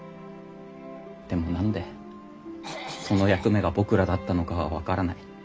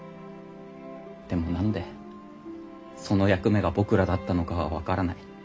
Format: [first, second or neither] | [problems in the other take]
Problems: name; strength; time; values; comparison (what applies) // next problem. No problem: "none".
second | background sound (Cough); 11 dB below the speech